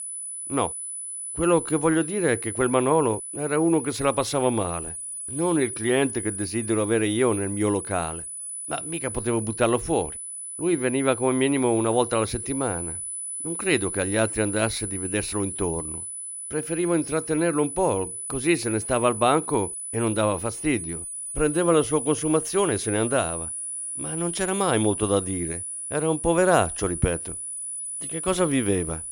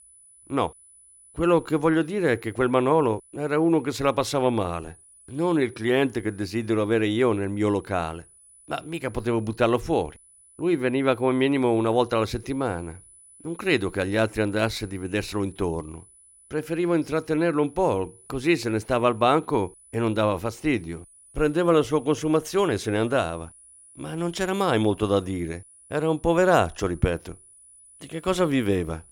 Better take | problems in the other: second | high-pitched whine; loud; throughout; 10 kHz, 6 dB below the speech; faint in the second

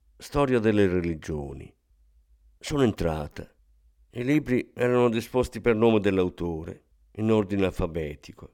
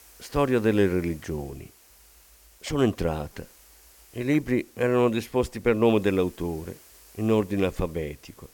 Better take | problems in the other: first | hiss; faint; throughout; 25 dB below the speech

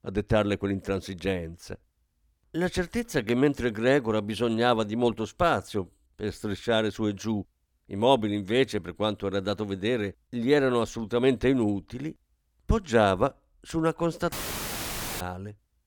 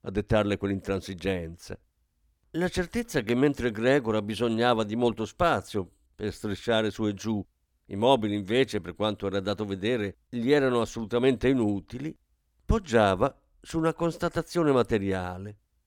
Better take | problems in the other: second | audio cutting out; filled with static; at 14 s for 1 s

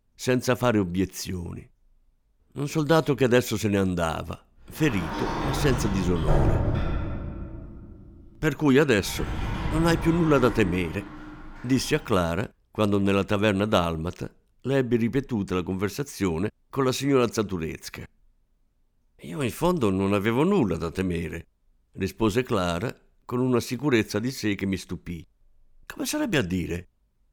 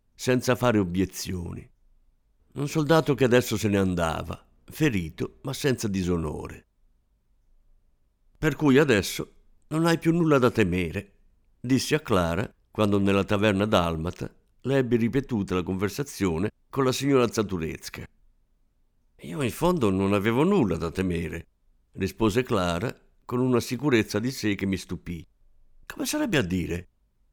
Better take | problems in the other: second | door banging; loud; from 5 to 11 s; peak 2 dB above the speech

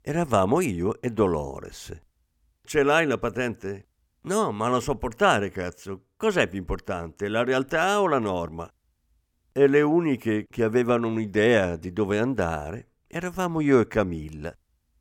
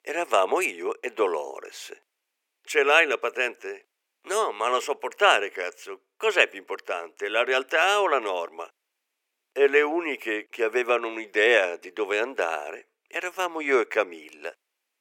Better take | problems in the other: first | thin; very; fading below 400 Hz

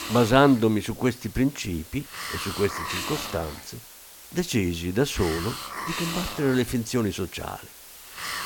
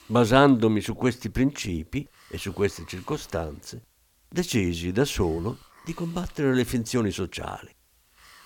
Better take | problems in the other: second | hiss; loud; throughout; 10 dB below the speech; faint in the second

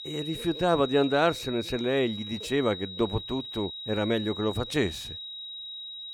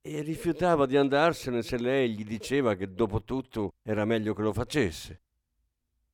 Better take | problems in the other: second | high-pitched whine; loud; throughout; 4 kHz, 9 dB below the speech

